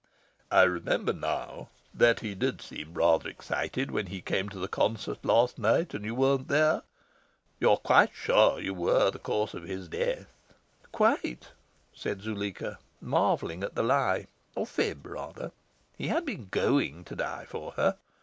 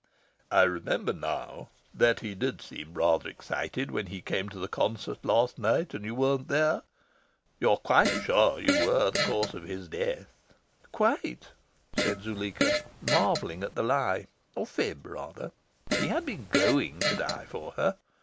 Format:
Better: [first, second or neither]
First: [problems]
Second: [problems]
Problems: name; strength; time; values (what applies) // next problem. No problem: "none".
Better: first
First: none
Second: background sound (Fart); 2 dB below the speech